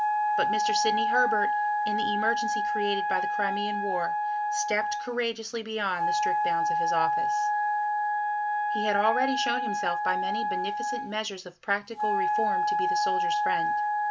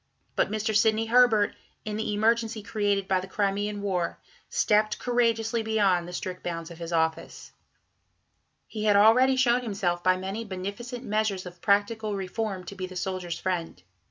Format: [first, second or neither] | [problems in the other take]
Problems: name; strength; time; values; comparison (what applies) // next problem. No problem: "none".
second | background sound (Wind instrument, woodwind instrument); 5 dB above the speech